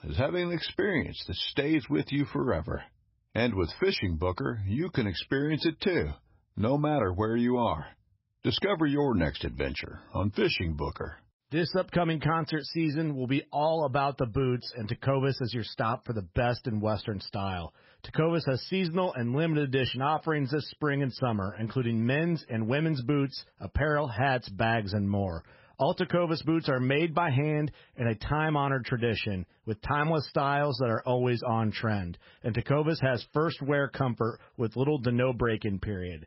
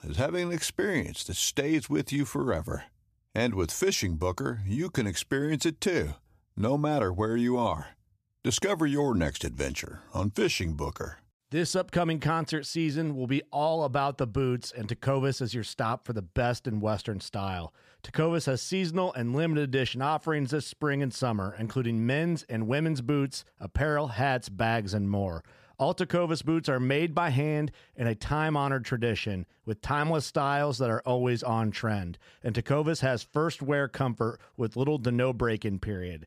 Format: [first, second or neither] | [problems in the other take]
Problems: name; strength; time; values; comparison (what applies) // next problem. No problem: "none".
second | garbled, watery; badly; nothing above 5.5 kHz